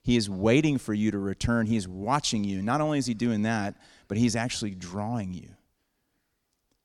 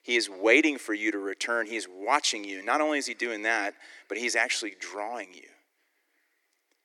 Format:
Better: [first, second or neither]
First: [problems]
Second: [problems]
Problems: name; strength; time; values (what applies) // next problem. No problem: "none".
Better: first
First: none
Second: thin; very; fading below 300 Hz